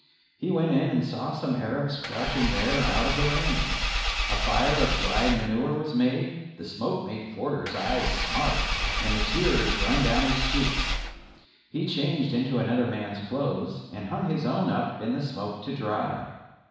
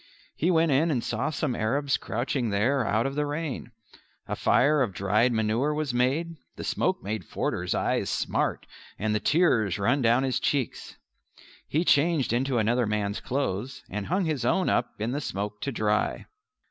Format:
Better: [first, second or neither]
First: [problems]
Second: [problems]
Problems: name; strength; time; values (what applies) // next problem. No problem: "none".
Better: second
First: background sound (Engine / Car); 1 dB above the speech // room echo; dies away in 1.1 s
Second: none